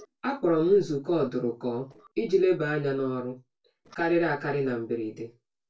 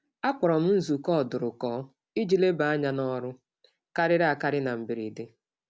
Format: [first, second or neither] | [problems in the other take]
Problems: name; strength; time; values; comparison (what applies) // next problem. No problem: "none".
second | noise reduction (neural separator model SepFormer DNS4)